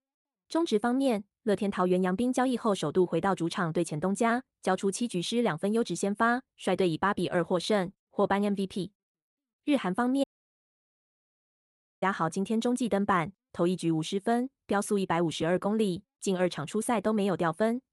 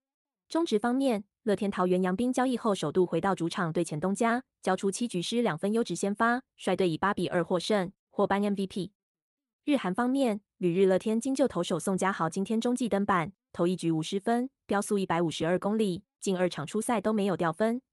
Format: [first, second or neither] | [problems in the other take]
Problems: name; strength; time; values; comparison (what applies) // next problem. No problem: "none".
second | audio cutting out; at 10 s for 2 s